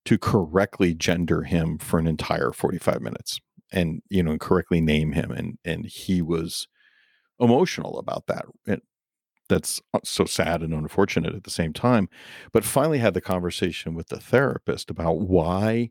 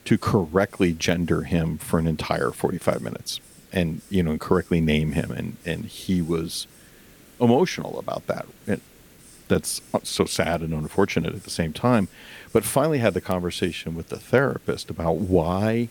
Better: first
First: none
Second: hiss; faint; throughout; 25 dB below the speech

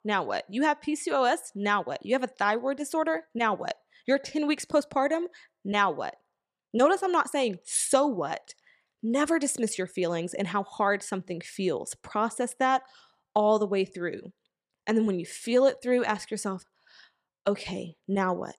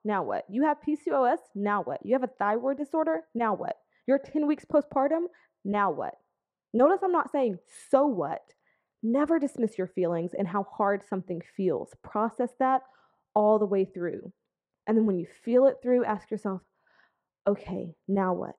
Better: first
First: none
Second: muffled; very; fading above 2 kHz

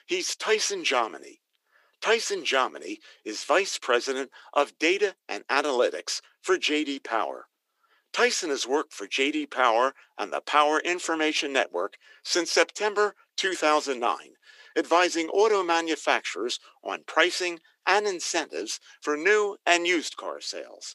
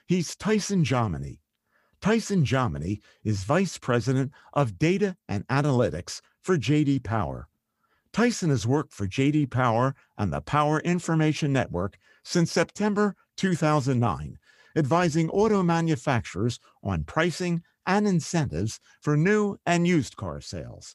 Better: second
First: thin; very; fading below 350 Hz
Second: none

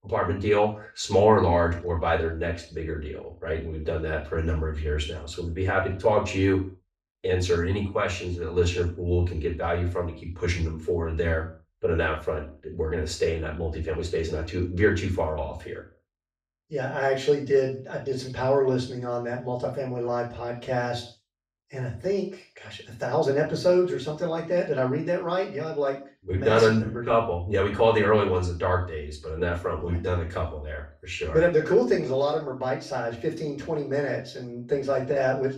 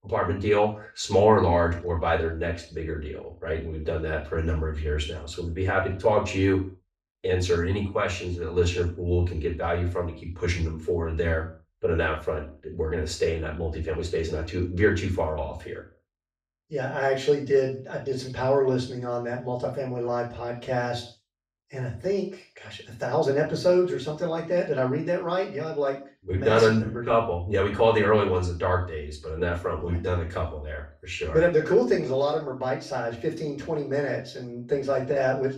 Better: neither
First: room echo; slight; dies away in 0.4 s // off-mic speech; far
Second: room echo; slight; dies away in 0.4 s // off-mic speech; far

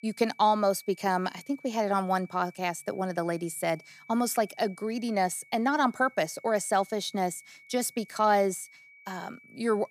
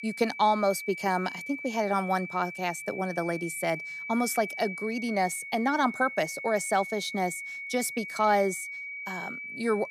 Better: first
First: high-pitched whine; faint; throughout; 2.5 kHz, 25 dB below the speech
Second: high-pitched whine; loud; throughout; 2.5 kHz, 8 dB below the speech

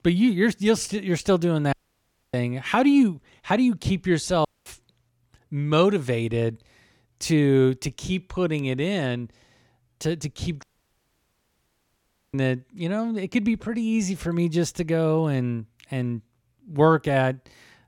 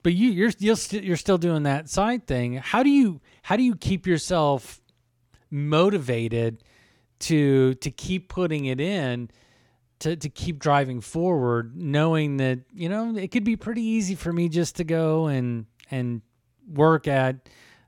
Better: second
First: audio cutting out; at 1.5 s for 0.5 s, at 4.5 s and at 11 s for 1.5 s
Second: none

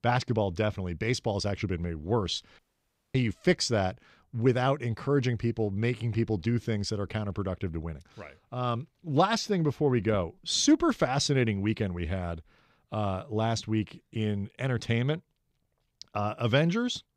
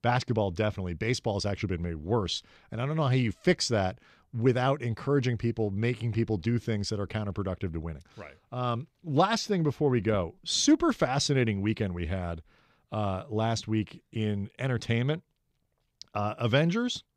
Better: second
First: audio cutting out; at 2.5 s for 0.5 s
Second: none

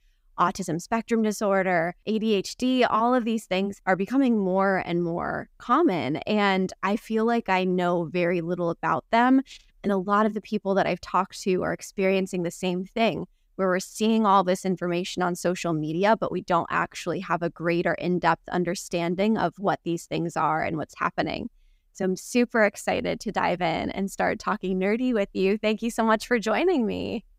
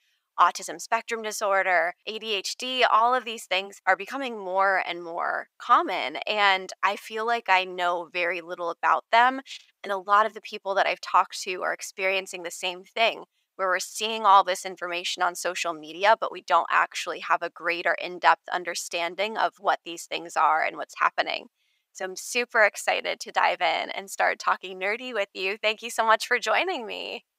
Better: first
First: none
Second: thin; very; fading below 800 Hz

